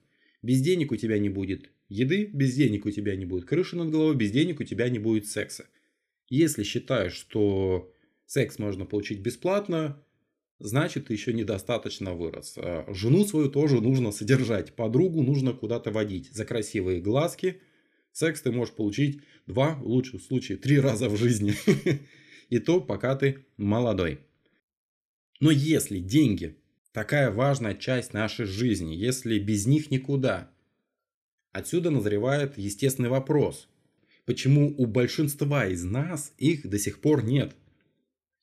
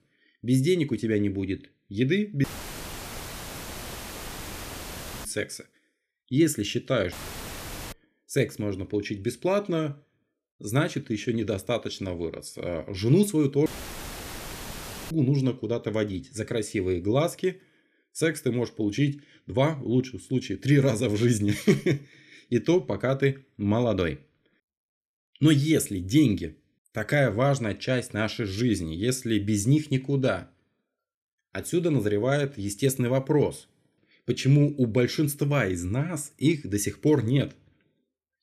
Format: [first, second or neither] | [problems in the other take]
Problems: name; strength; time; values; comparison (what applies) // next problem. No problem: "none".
first | audio cutting out; filled with static; at 2.5 s for 3 s, at 7 s for 1 s and at 14 s for 1.5 s